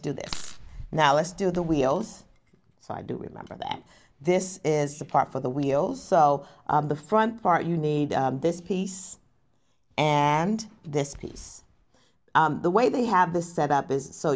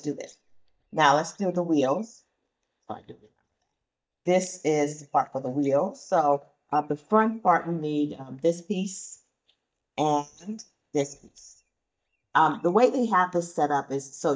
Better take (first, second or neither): first